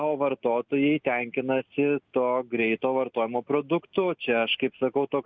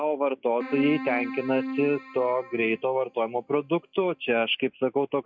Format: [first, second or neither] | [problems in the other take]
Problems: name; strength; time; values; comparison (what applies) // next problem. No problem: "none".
first | noise reduction (classical method log-MMSE)